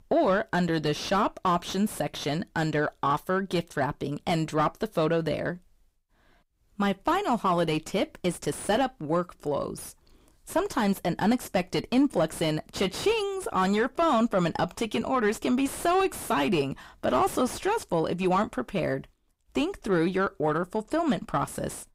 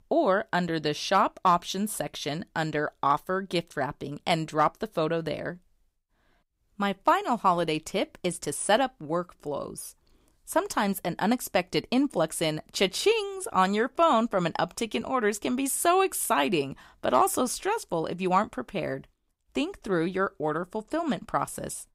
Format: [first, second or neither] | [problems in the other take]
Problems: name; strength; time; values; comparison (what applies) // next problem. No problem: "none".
second | distortion; heavy; 7 dB below the speech